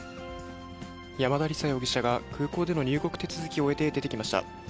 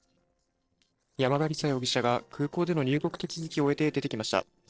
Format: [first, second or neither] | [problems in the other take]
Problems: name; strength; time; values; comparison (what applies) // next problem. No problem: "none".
first | noise reduction (neural separator model SepFormer DNS4)